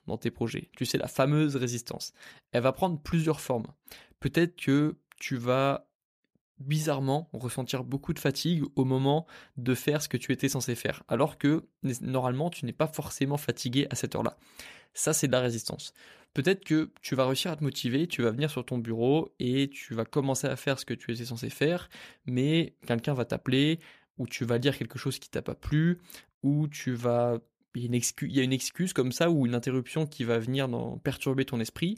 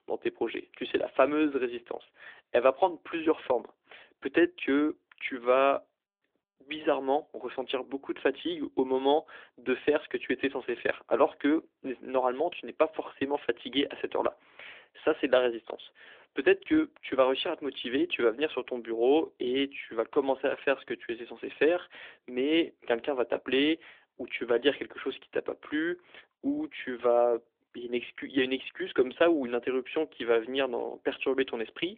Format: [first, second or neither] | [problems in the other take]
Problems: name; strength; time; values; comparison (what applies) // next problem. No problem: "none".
first | phone-call audio; nothing above 3.5 kHz